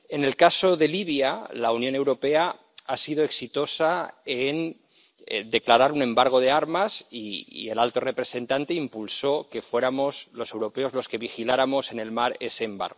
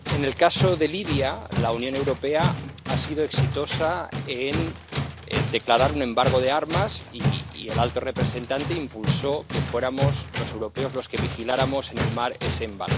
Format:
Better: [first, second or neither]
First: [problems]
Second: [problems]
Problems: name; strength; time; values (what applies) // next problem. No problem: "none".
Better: first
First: none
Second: background sound (Tools); 2 dB below the speech